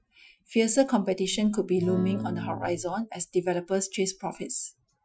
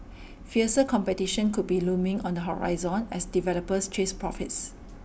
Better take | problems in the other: second | noise reduction (classical method Wiener filter)

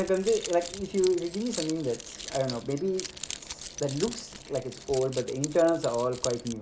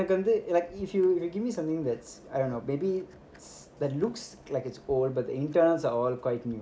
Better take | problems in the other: second | background sound (Keys jangling); 12 dB below the speech

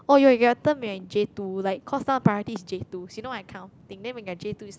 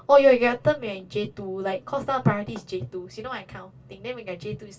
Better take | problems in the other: first | room echo; dies away in 0.1 s

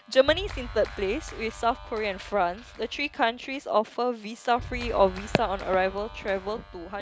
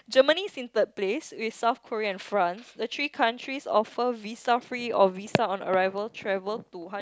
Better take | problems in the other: second | background sound (Clapping); 14 dB below the speech

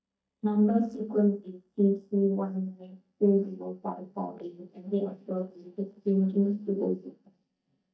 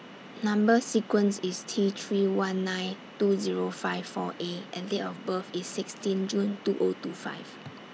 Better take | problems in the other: second | noise reduction (neural mask model DeepFilterNet 3)

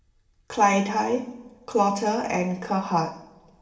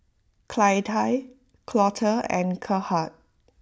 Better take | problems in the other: second | room echo; dies away in 0.8 s

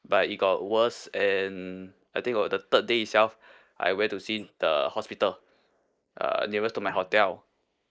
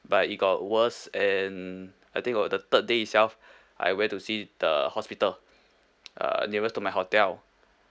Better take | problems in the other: second | noise reduction (neural mask model Resemble Enhance denoiser)

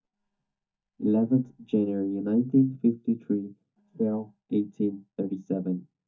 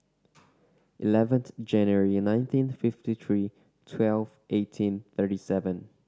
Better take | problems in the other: second | noise reduction (neural mask model DeepFilterNet 3)

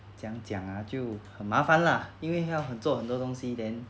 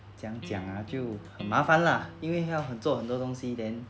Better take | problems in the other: first | background sound (Electric guitar); 16 dB below the speech

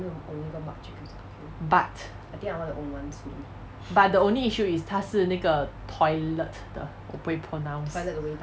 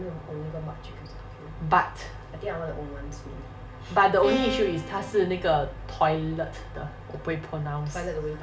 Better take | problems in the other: first | background sound (Bowed string instrument); 4 dB below the speech // room echo; dies away in 0.6 s

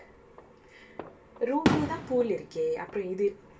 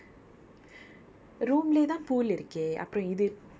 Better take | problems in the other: second | background sound (Fireworks); 3 dB below the speech // room echo; dies away in 0.2 s

